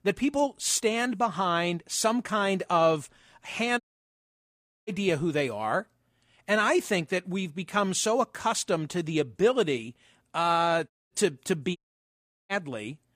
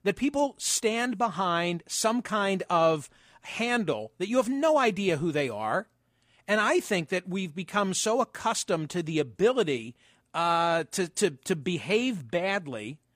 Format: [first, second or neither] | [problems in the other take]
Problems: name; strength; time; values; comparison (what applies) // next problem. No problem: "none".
second | audio cutting out; at 4 s for 1 s, at 11 s and at 12 s for 0.5 s